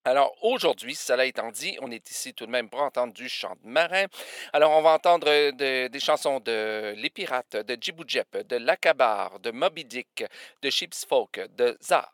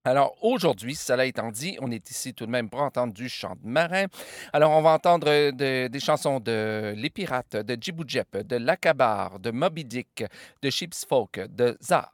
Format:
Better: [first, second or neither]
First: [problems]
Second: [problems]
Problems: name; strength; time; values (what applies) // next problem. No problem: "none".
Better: second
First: thin; somewhat; fading below 400 Hz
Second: none